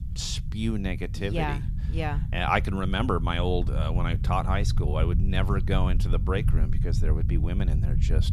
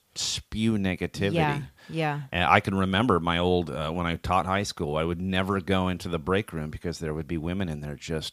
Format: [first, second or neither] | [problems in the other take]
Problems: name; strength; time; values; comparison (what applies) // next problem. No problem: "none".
second | low rumble; noticeable; throughout; 10 dB below the speech